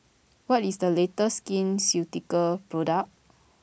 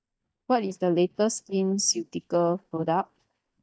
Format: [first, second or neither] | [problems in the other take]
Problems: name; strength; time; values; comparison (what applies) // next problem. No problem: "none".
first | noise reduction (neural mask model DeepFilterNet 3)